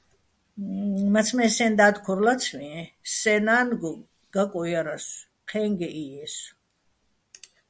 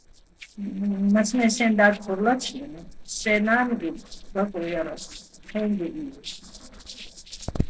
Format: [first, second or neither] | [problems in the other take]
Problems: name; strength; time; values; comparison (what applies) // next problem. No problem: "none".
first | noise reduction (neural separator model SepFormer DNS4)